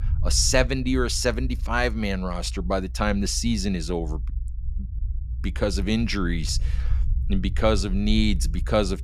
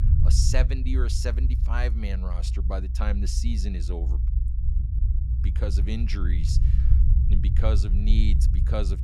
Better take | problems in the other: first | low rumble; loud; throughout; 7 dB below the speech; faint in the first

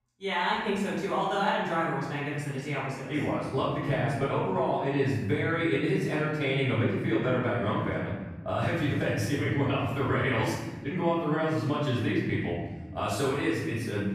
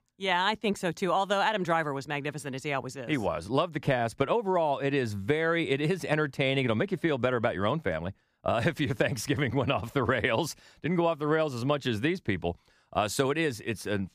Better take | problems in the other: second | off-mic speech; far // room echo; strong; dies away in 1.4 s

